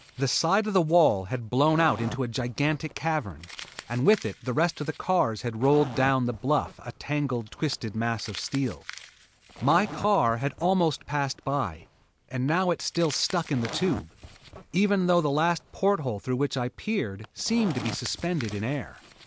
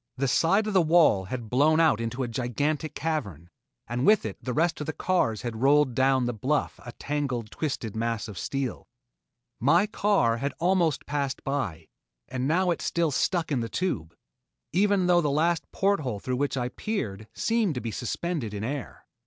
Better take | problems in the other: second | background sound (Zipper (clothing) + Crumpling, crinkling); 17 dB below the speech

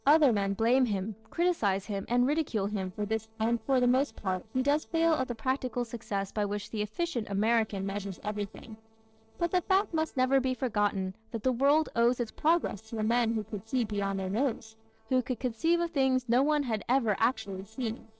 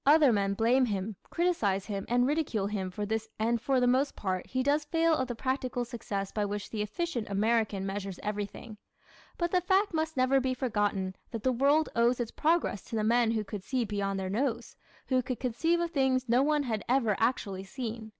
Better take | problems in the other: second | noise reduction (neural separator model SepFormer DNS4)

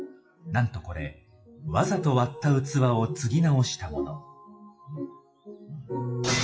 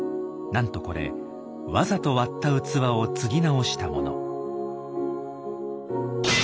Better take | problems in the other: second | noise reduction (classical method WPE with log-MMSE)

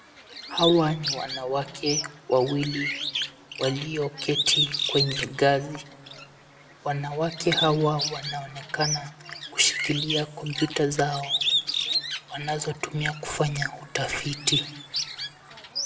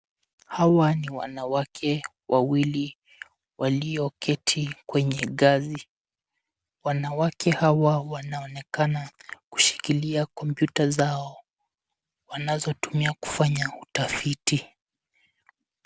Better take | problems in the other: second | background sound (Bird); 4 dB below the speech // room echo; dies away in 0.9 s

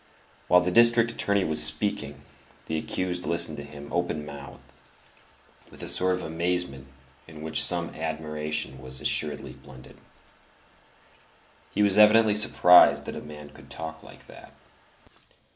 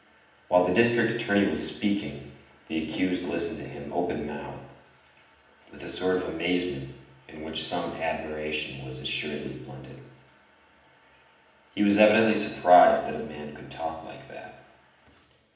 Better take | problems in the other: first | room echo; dies away in 0.9 s

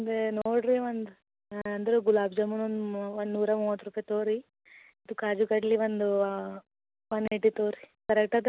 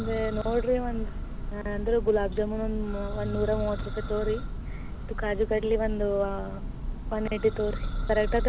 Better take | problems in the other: first | background sound (Church bell); 3 dB below the speech

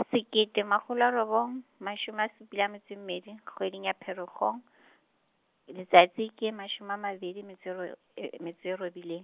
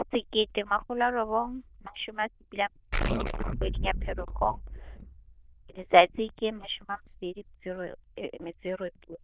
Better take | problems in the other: first | noise reduction (neural diffusion model UNIVERSE++)

